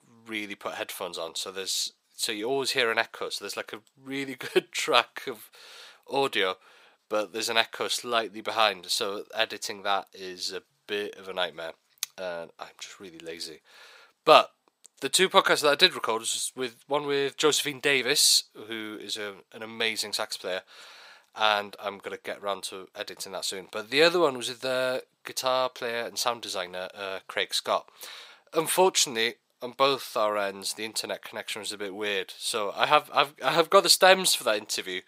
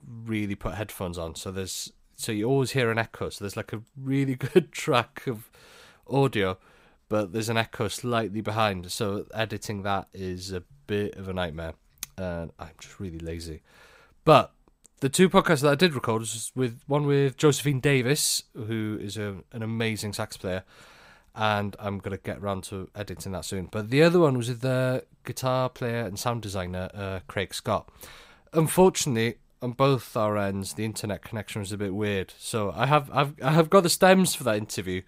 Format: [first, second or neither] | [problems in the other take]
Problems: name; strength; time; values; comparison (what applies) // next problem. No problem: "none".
second | thin; somewhat; fading below 450 Hz